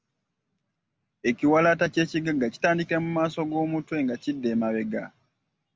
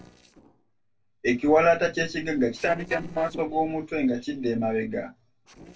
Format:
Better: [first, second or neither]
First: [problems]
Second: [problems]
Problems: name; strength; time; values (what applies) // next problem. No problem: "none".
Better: first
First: none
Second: noise reduction (neural separator model SepFormer DNS4)